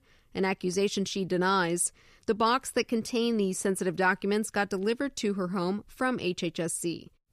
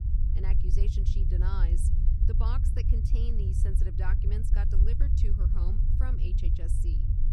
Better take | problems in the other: first | low rumble; loud; throughout; 1 dB below the speech

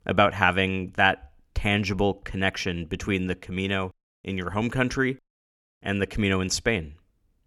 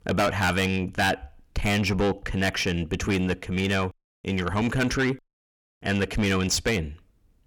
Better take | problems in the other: first | distortion; heavy; 6 dB below the speech

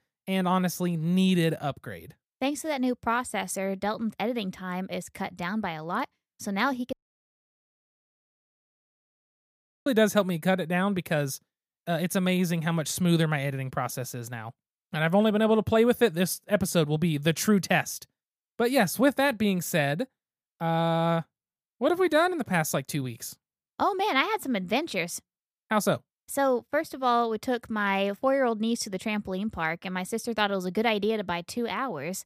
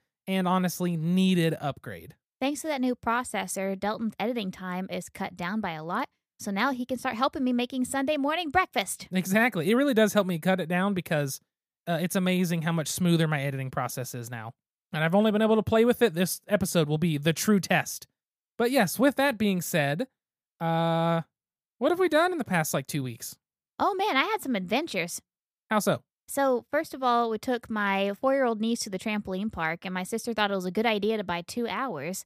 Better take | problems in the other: second | audio cutting out; at 7 s for 3 s

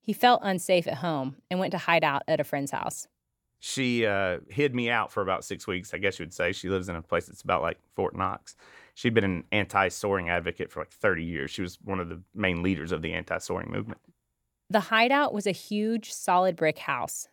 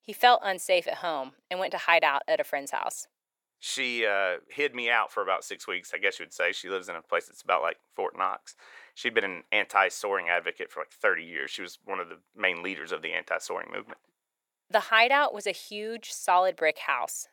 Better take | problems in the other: first | thin; very; fading below 600 Hz

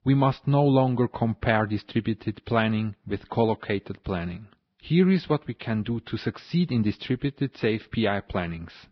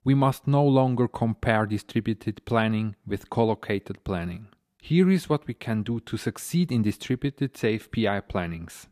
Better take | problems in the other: second | garbled, watery; badly; nothing above 5.5 kHz

